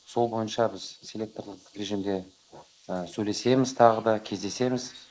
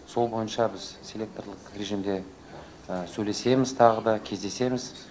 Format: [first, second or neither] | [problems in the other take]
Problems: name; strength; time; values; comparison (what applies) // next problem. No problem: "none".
second | noise reduction (neural mask model Resemble Enhance denoiser)